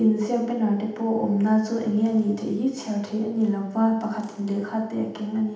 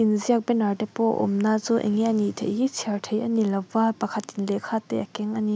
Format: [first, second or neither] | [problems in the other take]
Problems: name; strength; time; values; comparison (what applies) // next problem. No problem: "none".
second | room echo; dies away in 0.8 s